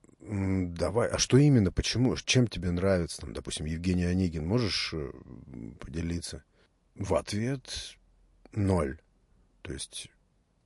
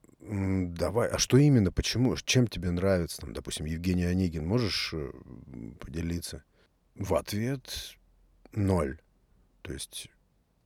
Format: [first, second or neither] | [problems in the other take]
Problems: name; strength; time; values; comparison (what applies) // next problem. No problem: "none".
second | garbled, watery; slightly; nothing above 11 kHz